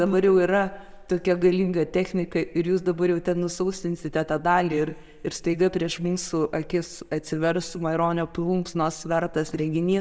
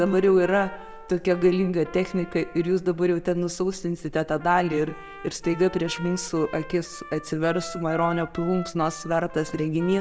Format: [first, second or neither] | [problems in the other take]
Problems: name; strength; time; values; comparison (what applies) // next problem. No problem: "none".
first | background sound (Trumpet); 18 dB below the speech